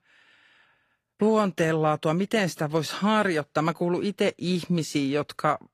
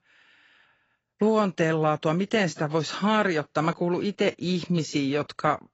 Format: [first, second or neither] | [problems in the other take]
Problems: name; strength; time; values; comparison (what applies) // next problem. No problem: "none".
first | garbled, watery; badly; nothing above 7.5 kHz; slightly in the first